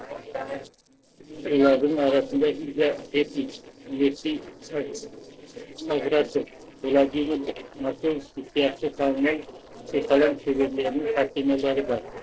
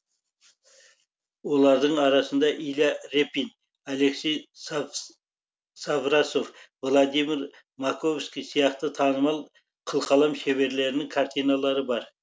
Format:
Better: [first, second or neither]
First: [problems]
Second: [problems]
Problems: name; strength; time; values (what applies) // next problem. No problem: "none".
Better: second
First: noise reduction (neural separator model SepFormer DNS4)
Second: none